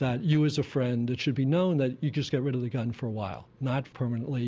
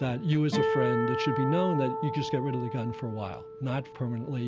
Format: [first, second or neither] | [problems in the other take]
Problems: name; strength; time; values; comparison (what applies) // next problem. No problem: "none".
first | background sound (Acoustic guitar); 3 dB below the speech